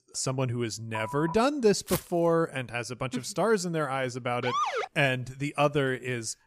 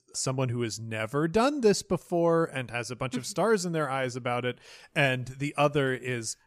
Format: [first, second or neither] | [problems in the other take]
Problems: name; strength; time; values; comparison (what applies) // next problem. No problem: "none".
second | phone ringing; noticeable; at 1 s; peak 10 dB below the speech // footsteps; noticeable; at 2 s; peak 7 dB below the speech // siren; noticeable; at 4.5 s; peak level with the speech